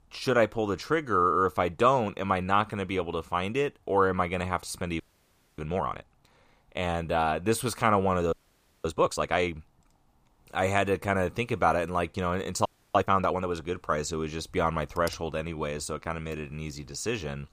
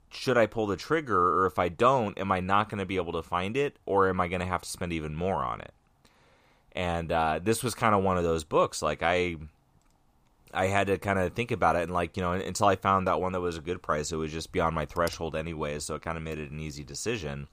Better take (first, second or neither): second